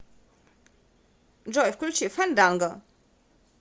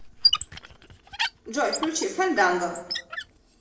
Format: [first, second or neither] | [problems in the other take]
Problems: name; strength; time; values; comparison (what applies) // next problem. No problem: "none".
first | background sound (Squeak); 2 dB below the speech // room echo; dies away in 0.7 s